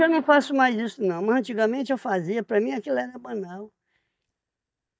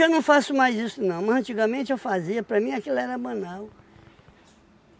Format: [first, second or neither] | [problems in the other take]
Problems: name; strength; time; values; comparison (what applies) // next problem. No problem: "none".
second | noise reduction (neural mask model DeepFilterNet 3)